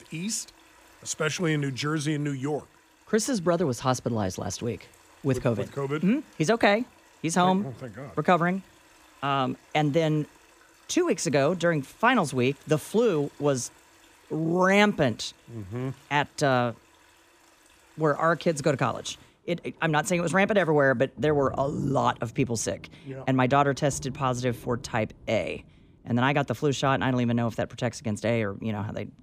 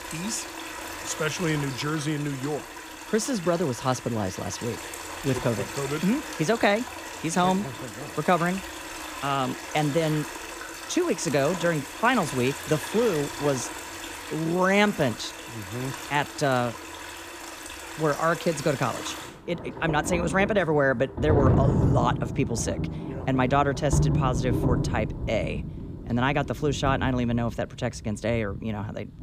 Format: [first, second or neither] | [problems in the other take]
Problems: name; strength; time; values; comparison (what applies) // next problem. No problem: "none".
first | rain or running water; loud; throughout; 6 dB below the speech; faint in the first